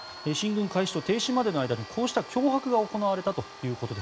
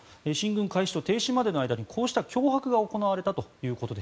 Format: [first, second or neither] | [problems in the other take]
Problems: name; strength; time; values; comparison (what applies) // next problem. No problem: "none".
second | background sound (Domestic sounds, home sounds); 16 dB below the speech